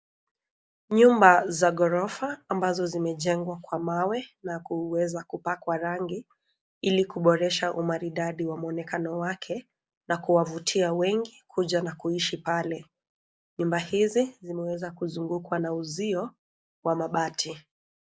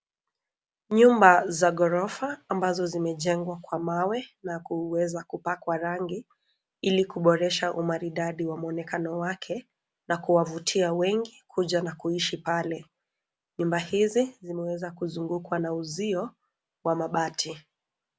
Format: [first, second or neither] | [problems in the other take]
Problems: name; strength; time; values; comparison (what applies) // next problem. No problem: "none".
second | noise reduction (neural mask model Resemble Enhance denoiser)